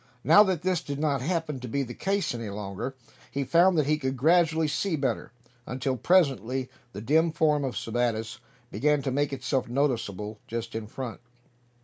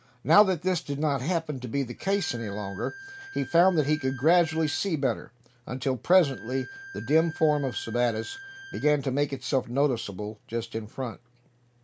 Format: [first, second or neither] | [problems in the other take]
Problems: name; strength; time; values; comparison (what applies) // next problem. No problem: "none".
first | background sound (Bowed string instrument); 18 dB below the speech